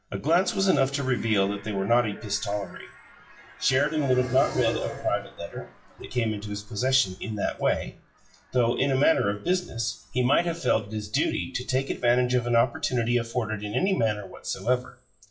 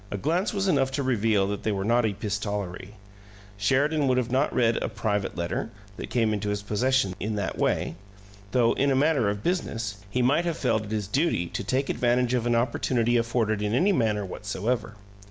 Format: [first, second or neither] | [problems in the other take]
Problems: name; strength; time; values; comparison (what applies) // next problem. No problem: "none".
second | noise reduction (classical method WPE with log-MMSE)